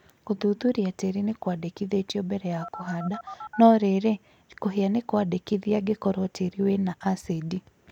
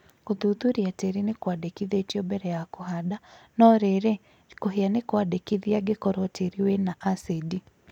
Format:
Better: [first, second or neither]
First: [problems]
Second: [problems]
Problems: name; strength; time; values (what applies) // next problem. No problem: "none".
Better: second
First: background sound (Telephone); 13 dB below the speech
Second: none